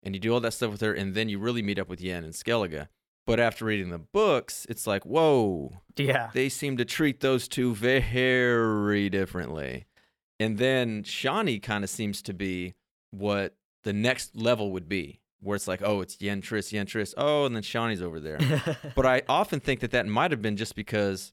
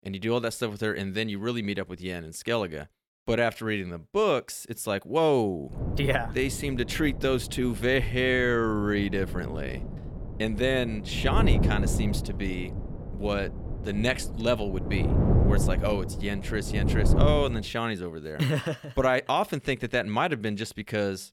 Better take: first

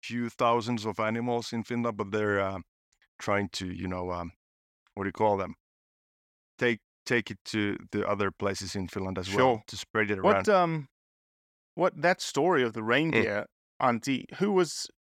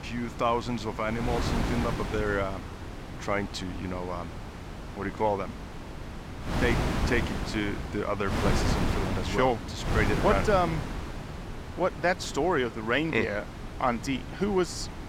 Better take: first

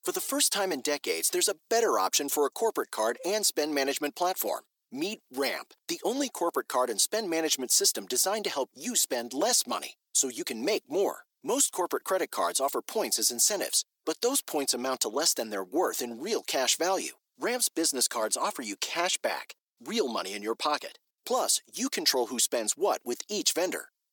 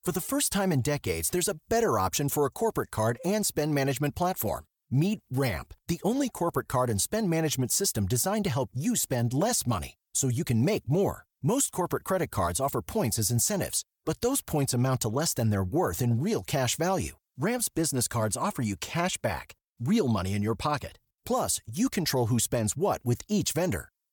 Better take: second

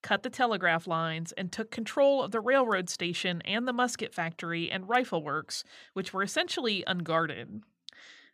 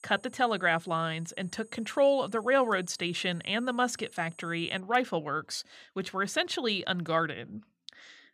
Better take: first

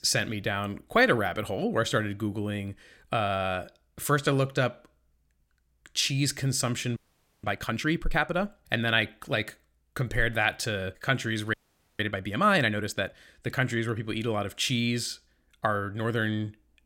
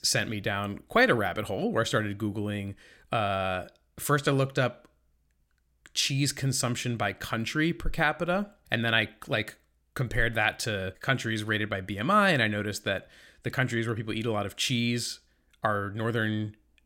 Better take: second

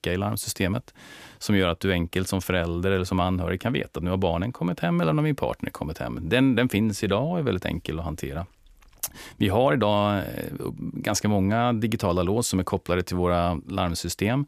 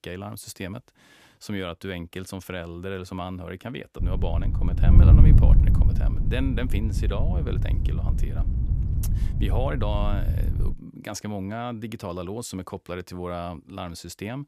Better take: first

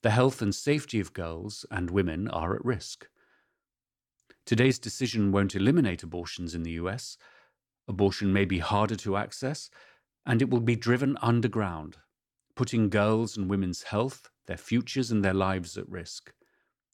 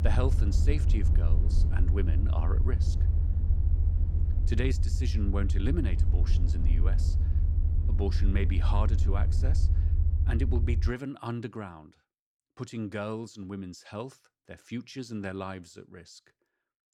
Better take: first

